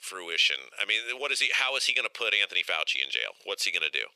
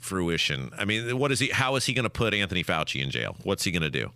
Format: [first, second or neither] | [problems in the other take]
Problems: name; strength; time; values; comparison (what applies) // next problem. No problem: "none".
second | thin; very; fading below 450 Hz